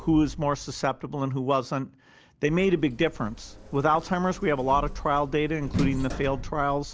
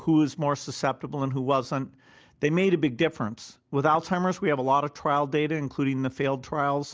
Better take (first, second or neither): second